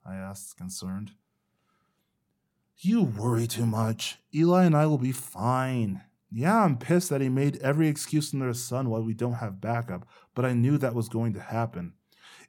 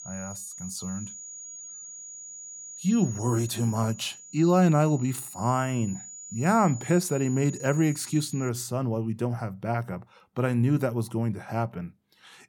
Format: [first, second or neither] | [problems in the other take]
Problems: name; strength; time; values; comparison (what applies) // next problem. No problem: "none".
first | high-pitched whine; noticeable; until 8.5 s; 6.5 kHz, 15 dB below the speech